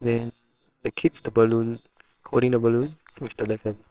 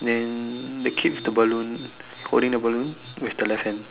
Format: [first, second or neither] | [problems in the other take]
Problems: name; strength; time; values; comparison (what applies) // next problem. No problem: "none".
second | noise reduction (neural separator model SepFormer WHAMR!)